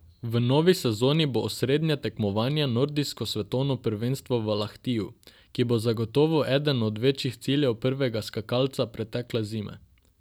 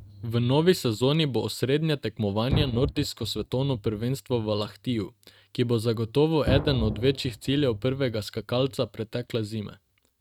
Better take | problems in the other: first | noise reduction (neural mask model RNNoise)

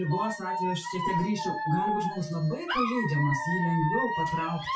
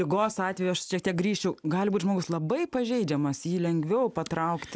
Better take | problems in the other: second | noise reduction (classical method WPE with log-MMSE)

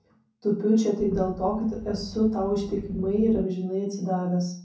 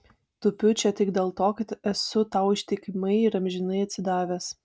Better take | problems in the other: second | background sound (Wind); 15 dB below the speech // room echo; dies away in 0.6 s

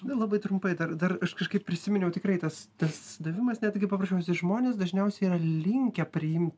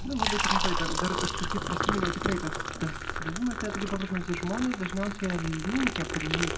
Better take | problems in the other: first | background sound (Liquid); 1 dB above the speech // room echo; dies away in 0.8 s

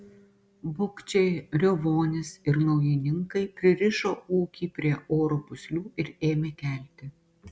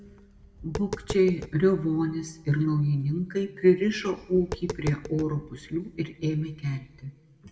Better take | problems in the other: first | background sound (Tap); 14 dB below the speech // room echo; dies away in 0.9 s

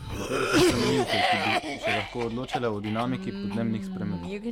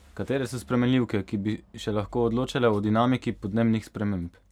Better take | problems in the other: second | background sound (Cough); 4 dB above the speech

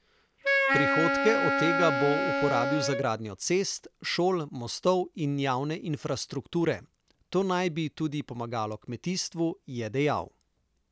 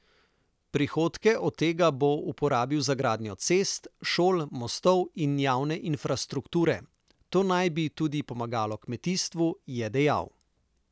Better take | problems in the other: second | background sound (Wind instrument, woodwind instrument); 2 dB above the speech

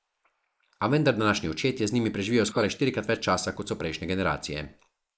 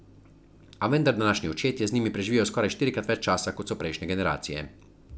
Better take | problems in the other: second | noise reduction (neural mask model Resemble Enhance denoiser)

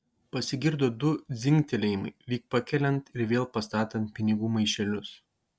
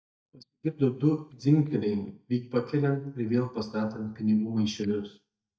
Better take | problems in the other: first | noise reduction (neural mask model DeepFilterNet 3)

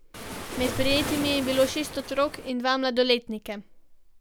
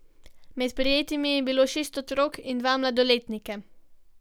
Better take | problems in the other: second | background sound (Waves, surf); 7 dB below the speech

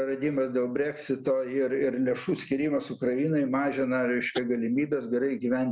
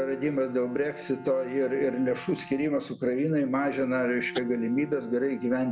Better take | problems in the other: first | background sound (Bowed string instrument); 17 dB below the speech

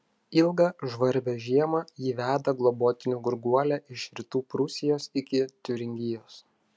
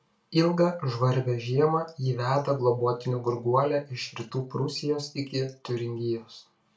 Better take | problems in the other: first | room echo; dies away in 0.3 s

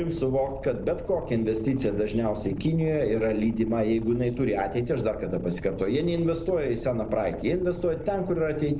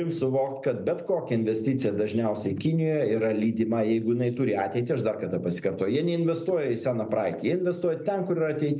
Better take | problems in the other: second | background sound (Boat, Water vehicle); 14 dB below the speech

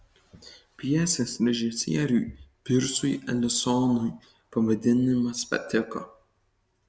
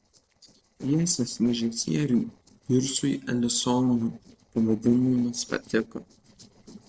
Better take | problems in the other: first | noise reduction (neural separator model SepFormer DNS4)

